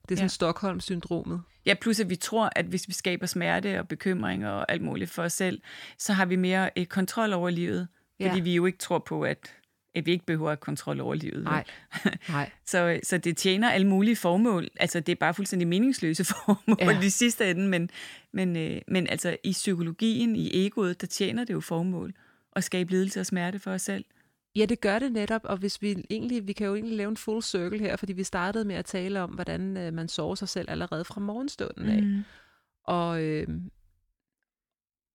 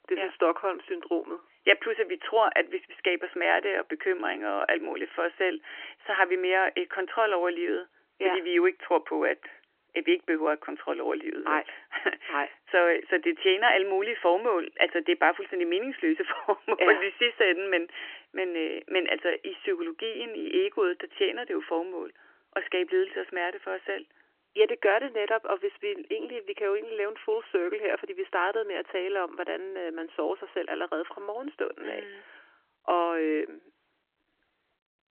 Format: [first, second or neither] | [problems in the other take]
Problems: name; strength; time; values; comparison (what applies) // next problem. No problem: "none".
first | phone-call audio; nothing above 3 kHz